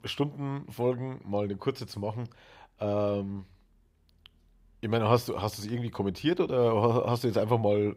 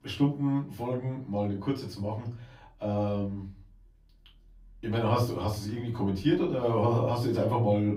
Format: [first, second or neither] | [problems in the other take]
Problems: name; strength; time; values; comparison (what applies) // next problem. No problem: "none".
first | off-mic speech; far // room echo; very slight; dies away in 0.3 s